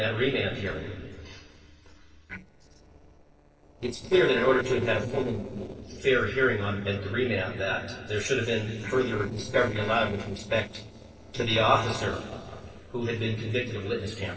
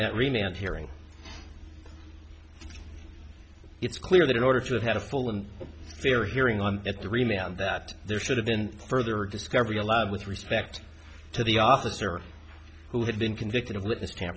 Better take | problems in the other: second | noise reduction (neural separator model SepFormer DNS4)

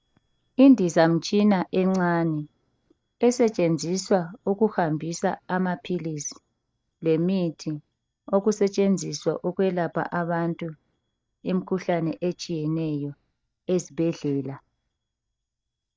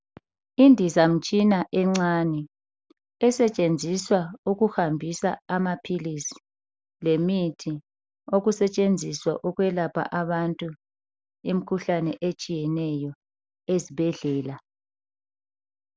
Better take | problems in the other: second | noise reduction (neural mask model DeepFilterNet 3)

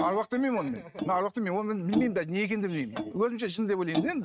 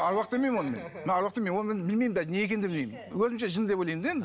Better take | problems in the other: second | noise reduction (neural mask model RNNoise)

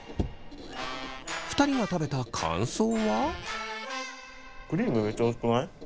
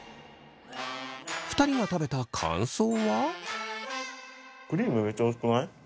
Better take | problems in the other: second | background sound (Squeak); 12 dB below the speech

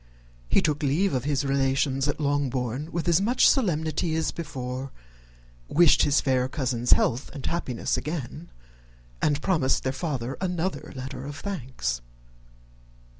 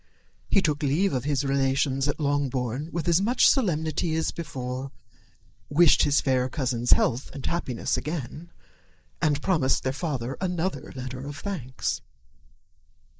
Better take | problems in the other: first | noise reduction (neural mask model Resemble Enhance denoiser)

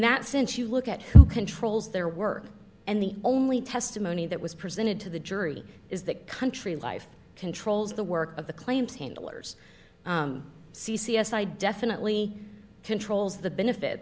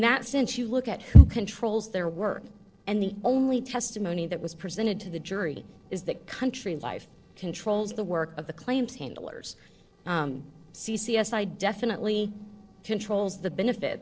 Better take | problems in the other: first | noise reduction (neural separator model SepFormer DNS4)

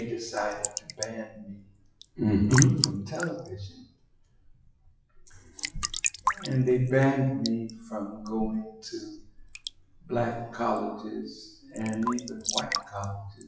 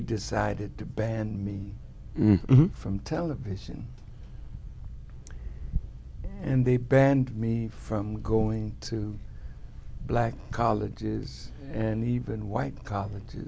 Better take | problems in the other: second | noise reduction (classical method WPE with log-MMSE)

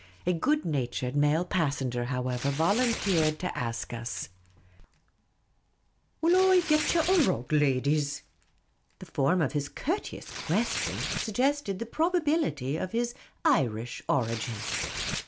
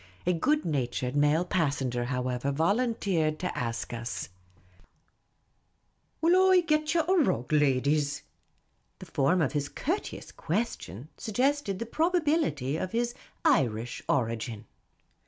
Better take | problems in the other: second | background sound (Tearing); 11 dB below the speech

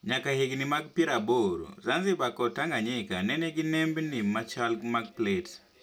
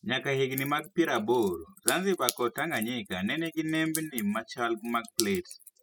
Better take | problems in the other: first | noise reduction (classical method spectral subtraction)

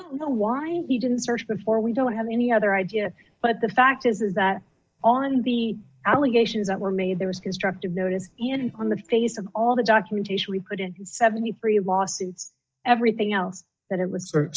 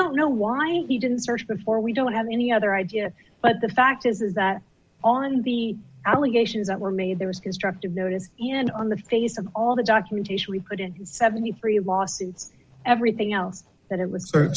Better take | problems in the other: second | noise reduction (neural mask model DeepFilterNet 3)

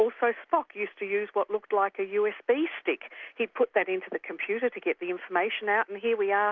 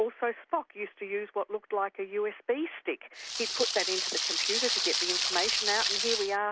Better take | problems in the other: first | background sound (Rain); 2 dB above the speech

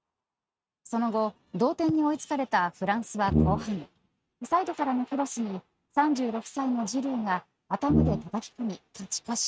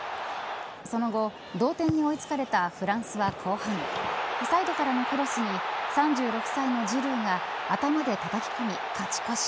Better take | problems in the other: second | noise reduction (neural mask model RNNoise)

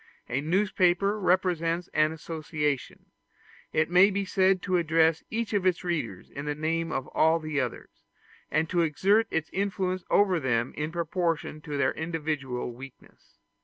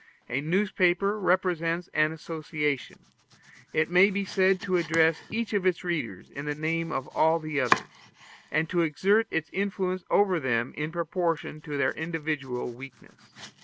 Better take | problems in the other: first | background sound (Domestic sounds, home sounds); 14 dB below the speech

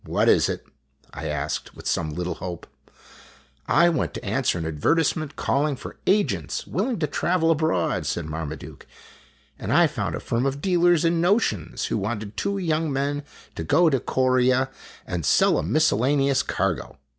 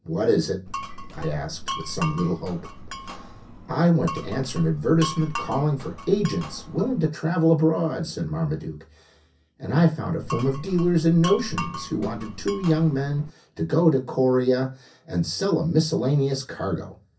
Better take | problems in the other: first | background sound (Glass); 11 dB below the speech // room echo; dies away in 0.3 s

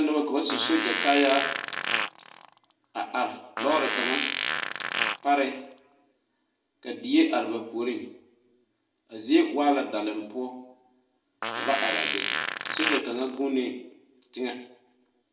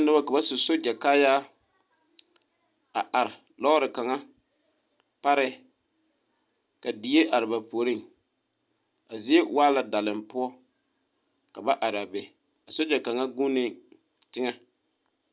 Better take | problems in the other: second | background sound (Fart); 3 dB below the speech // room echo; dies away in 0.6 s

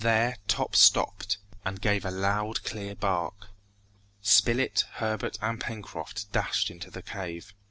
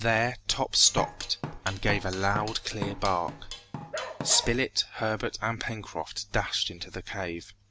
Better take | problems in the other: first | background sound (Drum kit + Bark); 9 dB below the speech

